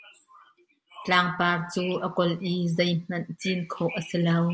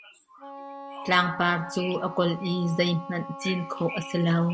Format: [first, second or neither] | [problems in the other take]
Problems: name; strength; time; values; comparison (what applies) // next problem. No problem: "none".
first | background sound (Wind instrument, woodwind instrument); 14 dB below the speech